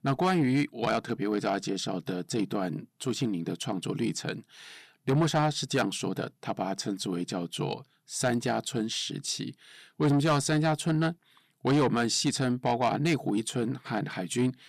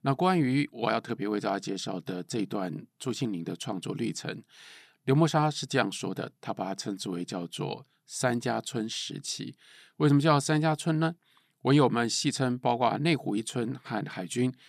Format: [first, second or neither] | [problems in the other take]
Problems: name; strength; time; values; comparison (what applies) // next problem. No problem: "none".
second | distortion; slight; 10 dB below the speech